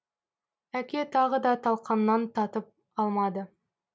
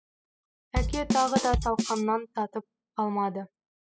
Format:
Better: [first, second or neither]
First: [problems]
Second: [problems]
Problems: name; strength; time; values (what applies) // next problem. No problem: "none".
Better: first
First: none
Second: noise reduction (classical method spectral subtraction)